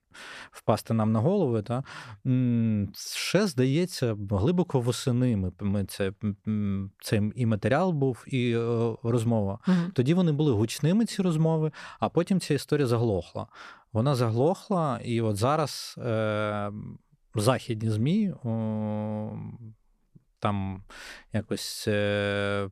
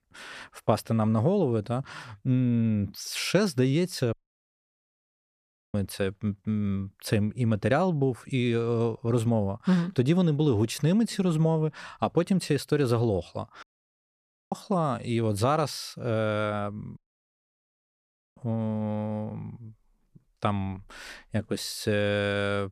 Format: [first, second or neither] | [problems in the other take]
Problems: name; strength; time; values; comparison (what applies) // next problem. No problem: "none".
first | audio cutting out; at 4 s for 1.5 s, at 14 s for 1 s and at 17 s for 1.5 s